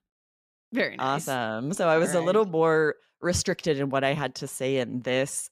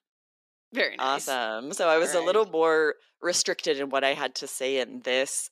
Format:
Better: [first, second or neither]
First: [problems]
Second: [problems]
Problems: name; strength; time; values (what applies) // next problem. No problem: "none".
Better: first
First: none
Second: thin; somewhat; fading below 300 Hz